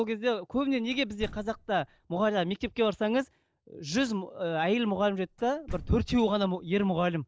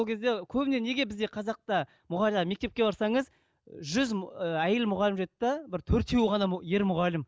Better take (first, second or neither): second